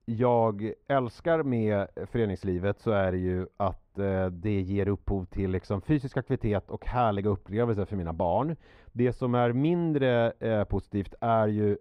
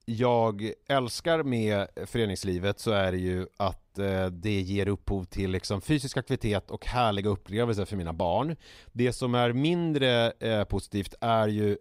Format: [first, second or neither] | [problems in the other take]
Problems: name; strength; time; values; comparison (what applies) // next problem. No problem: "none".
second | muffled; very; fading above 3 kHz